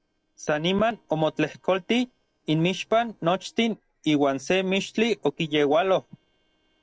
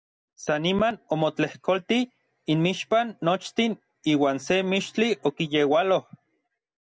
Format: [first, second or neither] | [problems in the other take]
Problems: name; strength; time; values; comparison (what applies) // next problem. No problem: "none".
second | noise reduction (neural separator model SepFormer DNS4)